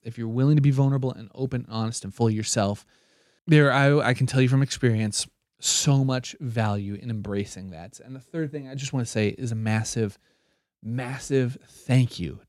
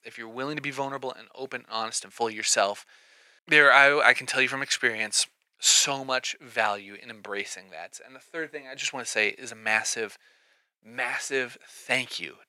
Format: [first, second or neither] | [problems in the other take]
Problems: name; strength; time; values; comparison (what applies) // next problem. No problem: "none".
first | thin; very; fading below 700 Hz